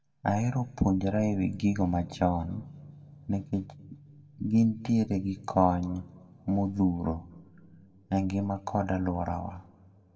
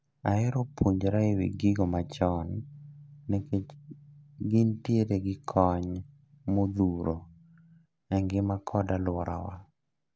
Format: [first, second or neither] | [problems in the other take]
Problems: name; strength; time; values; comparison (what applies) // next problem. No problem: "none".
second | room echo; dies away in 1.3 s